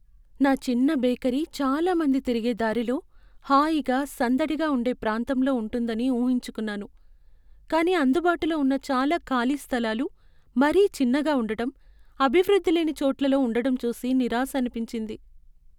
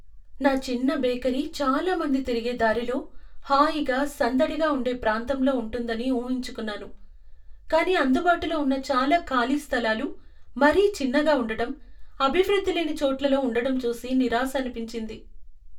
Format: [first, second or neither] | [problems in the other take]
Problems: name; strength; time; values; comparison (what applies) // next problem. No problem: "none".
first | room echo; dies away in 0.2 s